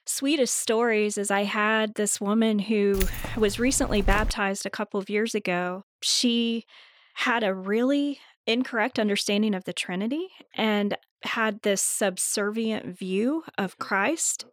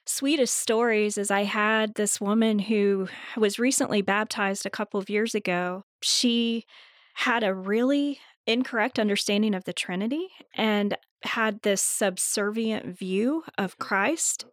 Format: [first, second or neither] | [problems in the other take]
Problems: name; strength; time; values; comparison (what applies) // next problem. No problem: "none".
second | jangling keys; noticeable; from 3 to 4.5 s; peak 5 dB below the speech